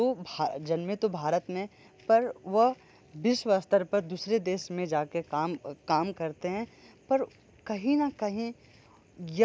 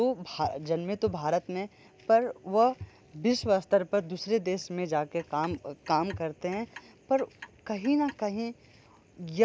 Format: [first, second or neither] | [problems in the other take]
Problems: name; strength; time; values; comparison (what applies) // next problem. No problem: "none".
first | background sound (Walk, footsteps / Bird vocalization, bird call, bird song + Clock); 20 dB below the speech